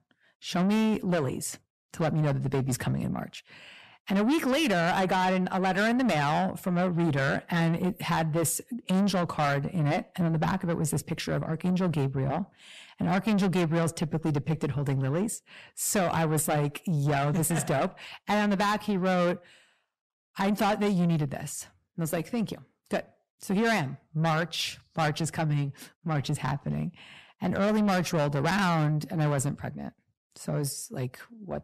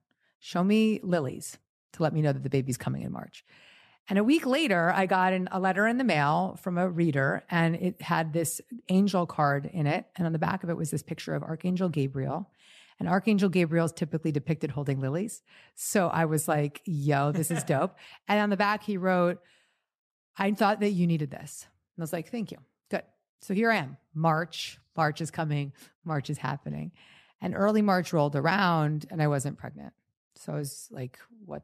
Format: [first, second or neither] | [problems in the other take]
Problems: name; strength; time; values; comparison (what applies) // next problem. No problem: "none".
second | distortion; heavy; 7 dB below the speech